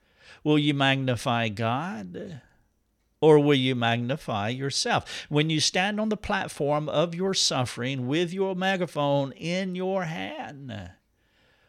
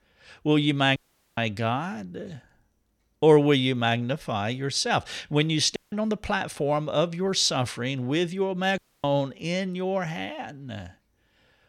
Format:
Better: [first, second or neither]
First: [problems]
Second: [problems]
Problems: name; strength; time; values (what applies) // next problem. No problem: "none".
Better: first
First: none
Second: audio cutting out; at 1 s, at 6 s and at 9 s